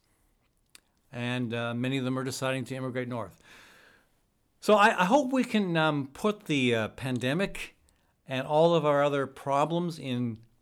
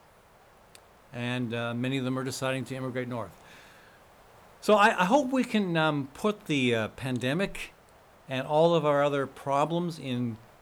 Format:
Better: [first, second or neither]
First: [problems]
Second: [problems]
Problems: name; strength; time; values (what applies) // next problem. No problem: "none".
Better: first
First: none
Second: hiss; faint; throughout; 30 dB below the speech